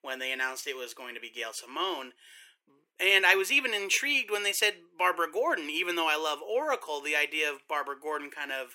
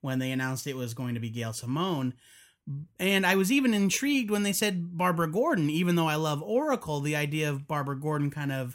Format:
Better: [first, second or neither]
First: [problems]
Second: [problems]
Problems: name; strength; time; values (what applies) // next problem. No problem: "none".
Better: second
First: thin; very; fading below 350 Hz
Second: none